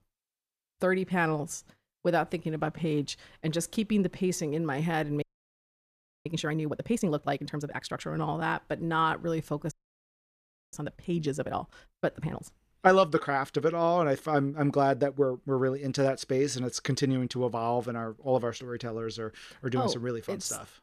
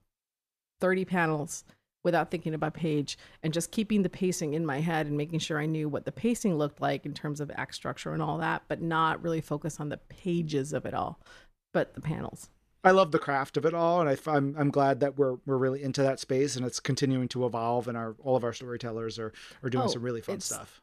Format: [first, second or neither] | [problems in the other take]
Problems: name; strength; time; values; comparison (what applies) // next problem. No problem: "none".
second | audio freezing; at 5 s for 1 s and at 9.5 s for 1 s